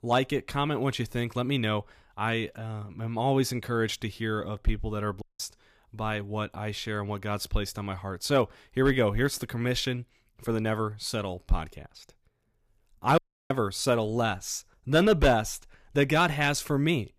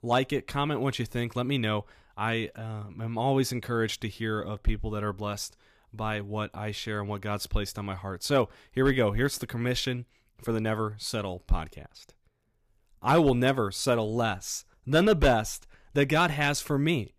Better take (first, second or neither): second